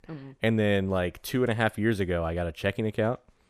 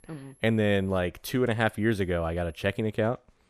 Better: first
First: none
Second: high-pitched whine; faint; until 1 s and from 2 to 3 s; 11 kHz, 35 dB below the speech

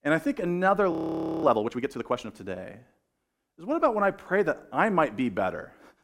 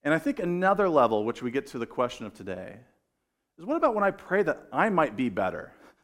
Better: second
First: audio freezing; at 1 s for 0.5 s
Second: none

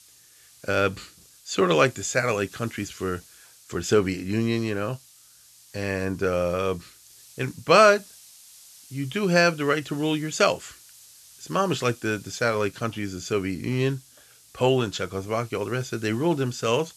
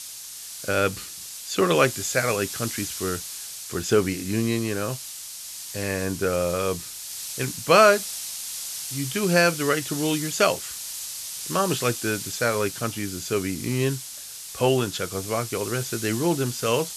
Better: first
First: hiss; faint; throughout; 25 dB below the speech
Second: hiss; loud; throughout; 8 dB below the speech

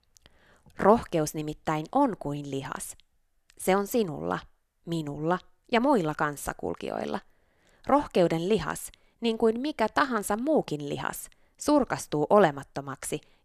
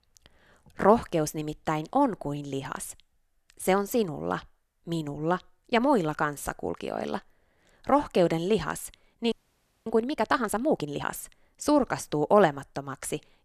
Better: first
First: none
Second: audio freezing; at 9.5 s for 0.5 s

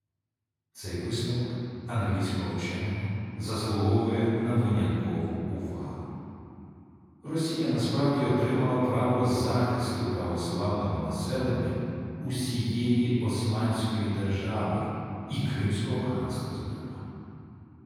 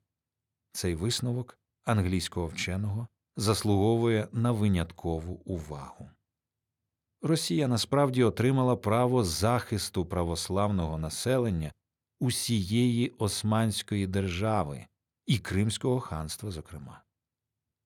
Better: second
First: off-mic speech; far // room echo; strong; dies away in 2.9 s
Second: none

